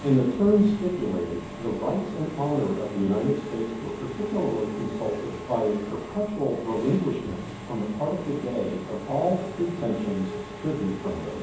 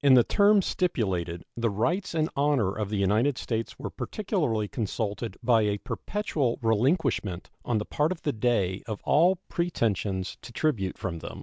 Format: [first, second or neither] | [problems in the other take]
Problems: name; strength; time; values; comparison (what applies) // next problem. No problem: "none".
second | background sound (Engine / Mechanisms); 10 dB below the speech // room echo; dies away in 1.2 s